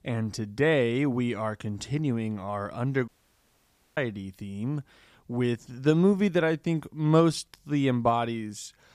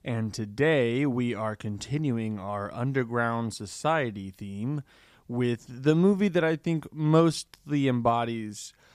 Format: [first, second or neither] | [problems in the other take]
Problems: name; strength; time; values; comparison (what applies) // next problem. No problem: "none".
second | audio cutting out; at 3 s for 1 s